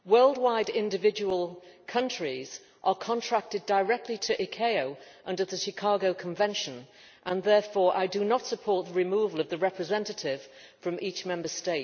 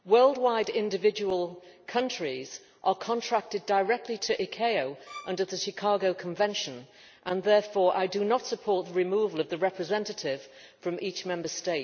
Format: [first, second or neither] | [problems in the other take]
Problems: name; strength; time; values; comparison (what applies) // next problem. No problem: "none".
first | background sound (Bowed string instrument); 18 dB below the speech